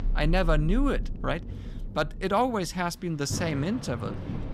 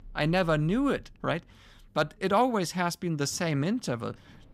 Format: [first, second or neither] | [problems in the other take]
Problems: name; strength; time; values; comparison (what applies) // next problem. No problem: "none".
second | rain or running water; loud; throughout; 6 dB below the speech; faint in the second